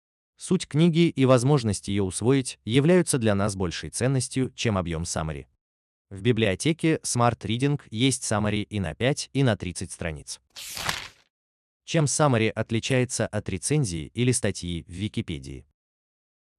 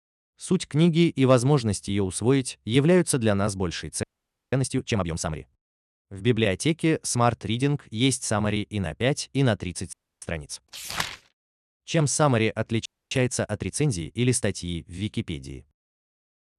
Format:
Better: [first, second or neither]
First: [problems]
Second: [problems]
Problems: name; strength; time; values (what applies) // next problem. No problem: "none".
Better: first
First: none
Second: audio freezing; at 4 s, at 10 s and at 13 s